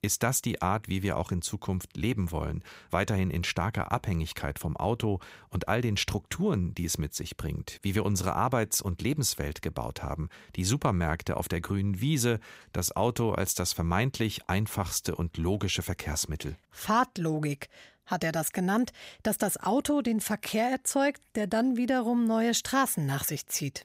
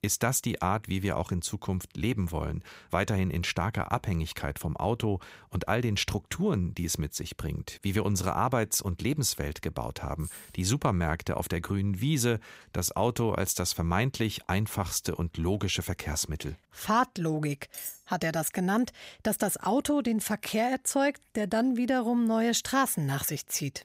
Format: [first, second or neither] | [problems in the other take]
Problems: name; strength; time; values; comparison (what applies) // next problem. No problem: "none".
first | jangling keys; faint; at 10 s; peak 15 dB below the speech // clattering dishes; noticeable; at 18 s; peak 9 dB below the speech